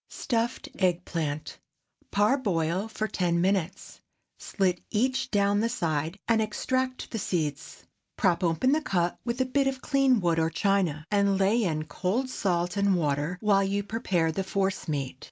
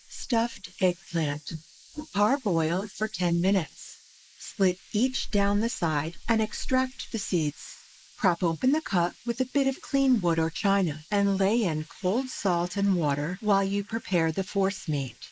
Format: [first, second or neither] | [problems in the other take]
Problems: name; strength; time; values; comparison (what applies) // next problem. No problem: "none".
first | noise reduction (neural mask model Resemble Enhance denoiser)